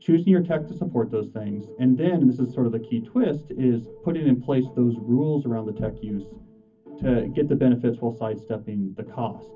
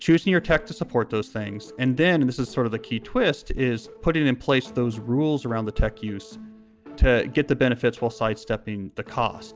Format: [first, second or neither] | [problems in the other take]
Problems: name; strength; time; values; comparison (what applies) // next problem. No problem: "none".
second | room echo; dies away in 0.3 s